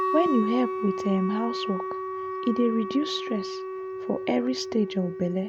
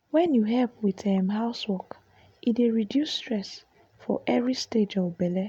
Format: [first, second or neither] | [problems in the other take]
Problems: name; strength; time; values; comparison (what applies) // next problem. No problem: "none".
second | background sound (Wind instrument, woodwind instrument); 4 dB below the speech